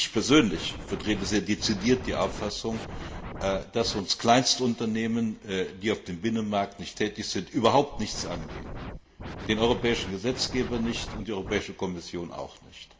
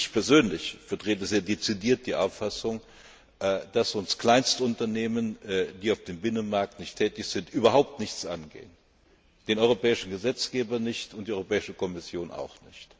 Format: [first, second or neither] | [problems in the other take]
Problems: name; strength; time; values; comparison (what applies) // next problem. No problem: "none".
second | background sound (Scratching (performance technique)); 10 dB below the speech // room echo; dies away in 0.5 s